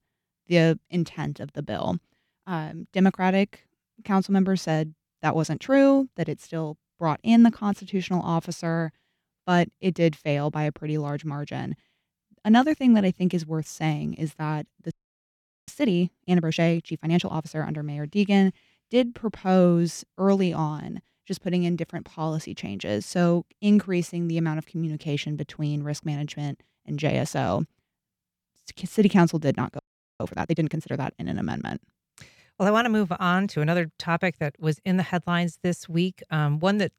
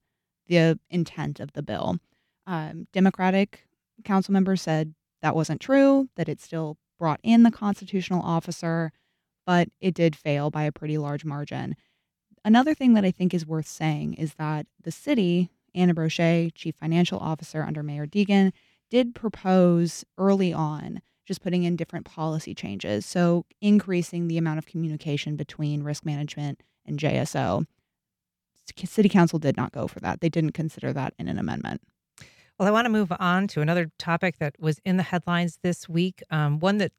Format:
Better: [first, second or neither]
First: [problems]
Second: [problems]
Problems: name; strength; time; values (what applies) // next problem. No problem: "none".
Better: second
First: audio freezing; at 15 s for 1 s and at 30 s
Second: none